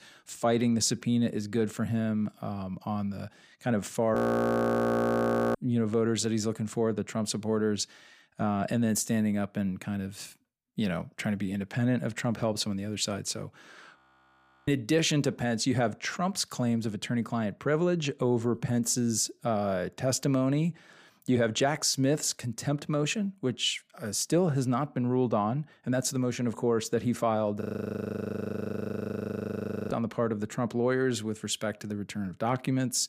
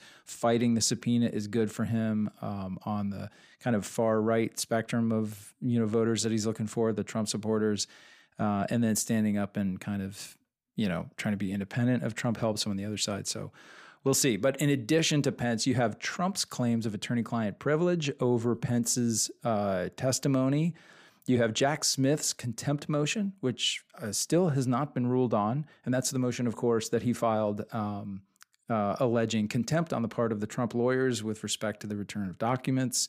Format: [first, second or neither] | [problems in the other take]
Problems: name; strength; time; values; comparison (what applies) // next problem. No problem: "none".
second | audio freezing; at 4 s for 1.5 s, at 14 s for 0.5 s and at 28 s for 2.5 s